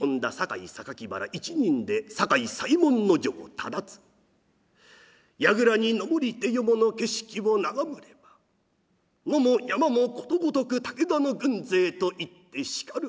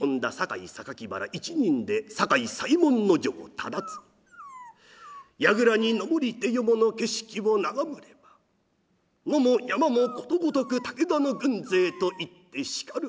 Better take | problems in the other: first | background sound (Dog); 20 dB below the speech

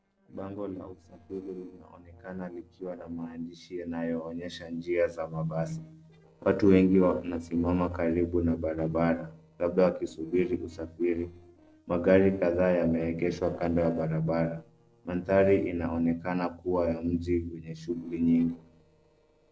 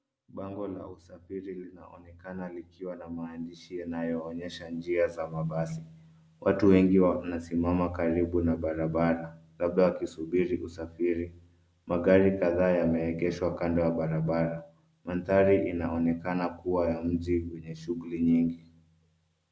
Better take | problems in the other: second | noise reduction (neural separator model SepFormer DNS4)

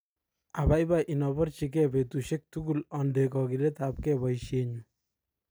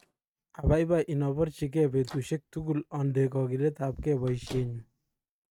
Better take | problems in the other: first | noise reduction (neural mask model RNNoise)

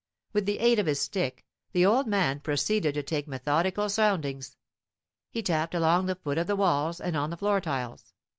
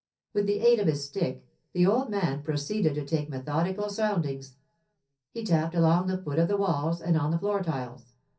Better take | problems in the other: first | room echo; dies away in 0.3 s

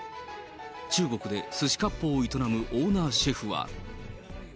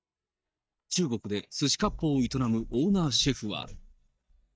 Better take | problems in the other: first | noise reduction (neural mask model DeepFilterNet 3)

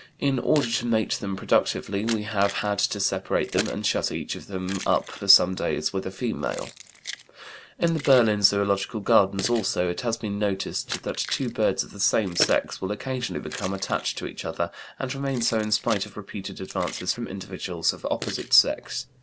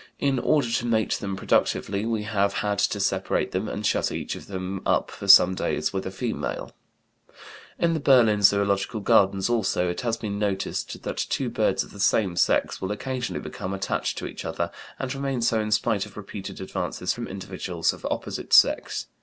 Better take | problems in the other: second | background sound (Keys jangling); 15 dB below the speech

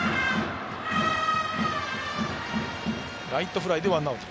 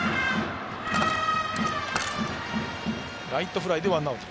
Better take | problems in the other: first | background sound (Coin (dropping)); 10 dB below the speech

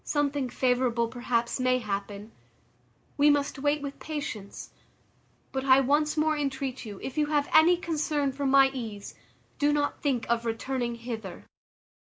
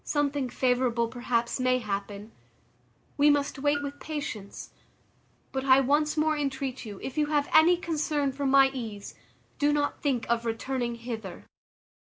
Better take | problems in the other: first | background sound (Bell); 18 dB below the speech

